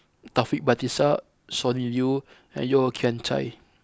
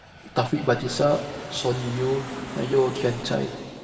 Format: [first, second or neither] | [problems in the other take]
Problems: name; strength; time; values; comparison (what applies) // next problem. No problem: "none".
first | background sound (Aircraft); 14 dB below the speech // room echo; dies away in 2.4 s